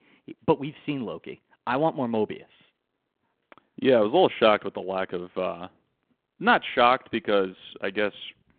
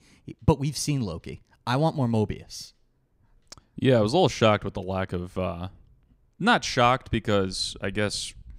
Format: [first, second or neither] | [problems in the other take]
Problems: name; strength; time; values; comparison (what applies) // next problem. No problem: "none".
second | phone-call audio